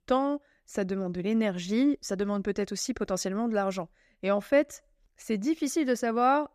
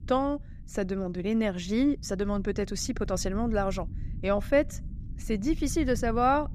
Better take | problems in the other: first | low rumble; faint; throughout; 25 dB below the speech

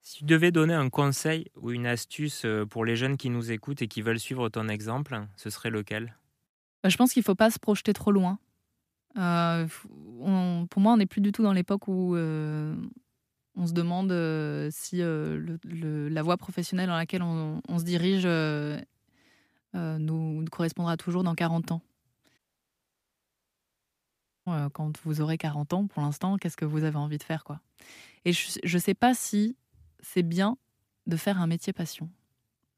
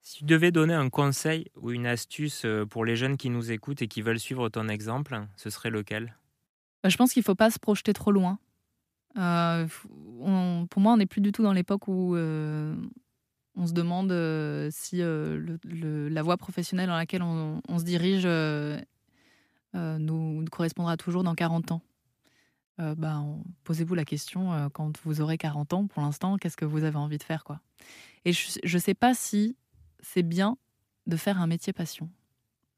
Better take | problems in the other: second | audio cutting out; at 22 s for 2 s

